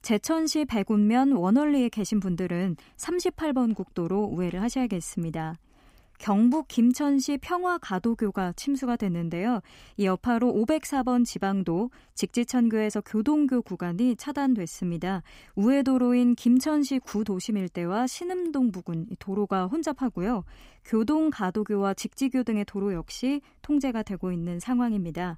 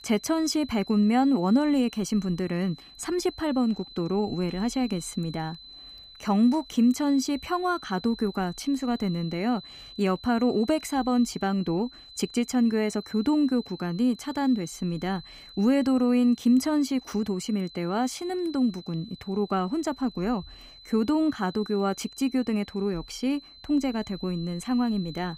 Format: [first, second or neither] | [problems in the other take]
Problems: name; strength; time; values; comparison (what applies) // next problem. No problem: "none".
first | high-pitched whine; noticeable; throughout; 4 kHz, 20 dB below the speech